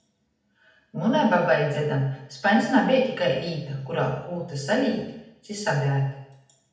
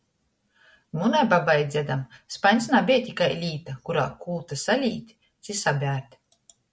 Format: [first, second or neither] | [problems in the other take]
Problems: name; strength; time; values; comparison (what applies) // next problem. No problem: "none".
second | room echo; dies away in 0.8 s